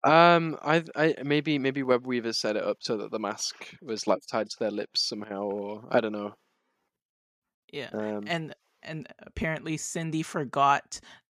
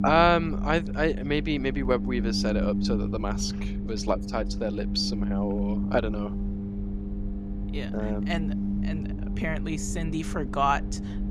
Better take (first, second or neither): first